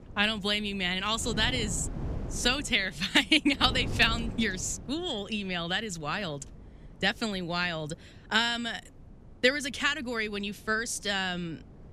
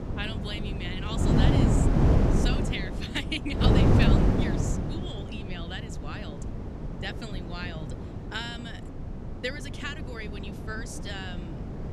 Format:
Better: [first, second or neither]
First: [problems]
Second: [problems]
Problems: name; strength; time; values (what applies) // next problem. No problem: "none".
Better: first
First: wind noise on the microphone; occasional gusts; 20 dB below the speech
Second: wind noise on the microphone; heavy; 2 dB above the speech